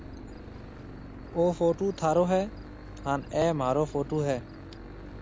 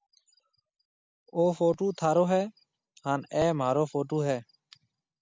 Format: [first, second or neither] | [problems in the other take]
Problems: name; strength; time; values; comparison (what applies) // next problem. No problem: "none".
second | background sound (Engine / Boat, Water vehicle); 13 dB below the speech